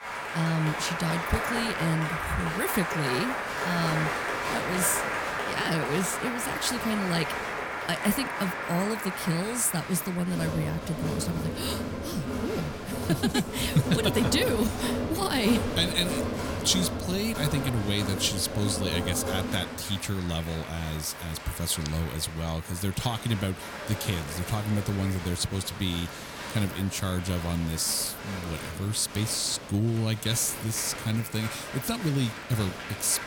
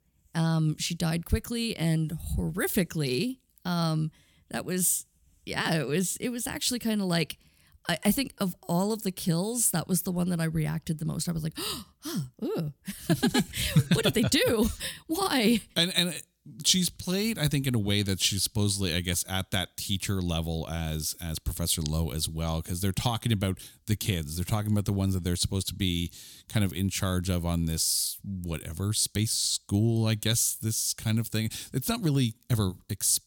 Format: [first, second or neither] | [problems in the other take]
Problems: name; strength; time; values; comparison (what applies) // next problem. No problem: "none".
second | crowd noise; loud; throughout; 4 dB below the speech